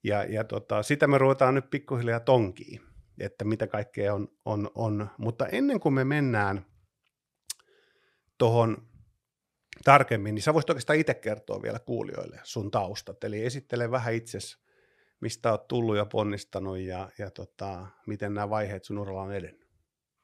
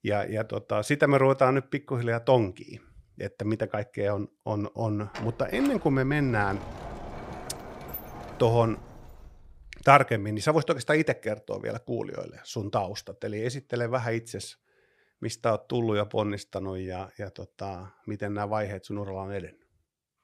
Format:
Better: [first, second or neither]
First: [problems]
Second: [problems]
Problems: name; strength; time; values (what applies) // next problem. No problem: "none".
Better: first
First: none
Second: door banging; faint; from 5 to 10 s; peak 10 dB below the speech